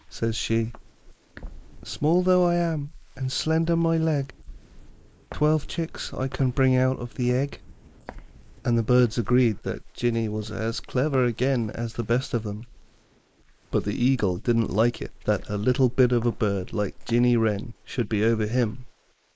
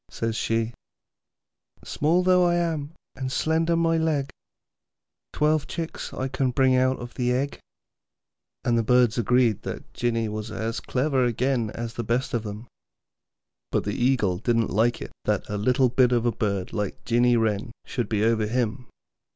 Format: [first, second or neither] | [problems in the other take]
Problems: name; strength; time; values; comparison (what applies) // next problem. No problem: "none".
second | noise reduction (neural mask model Resemble Enhance denoiser)